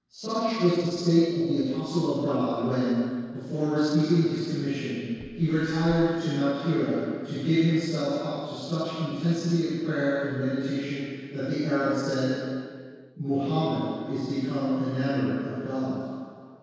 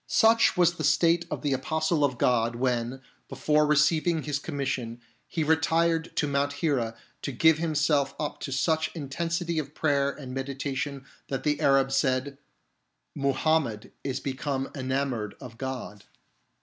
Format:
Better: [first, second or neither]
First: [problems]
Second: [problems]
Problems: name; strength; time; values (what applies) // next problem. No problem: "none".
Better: second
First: noise reduction (neural separator model SepFormer DNS4)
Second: none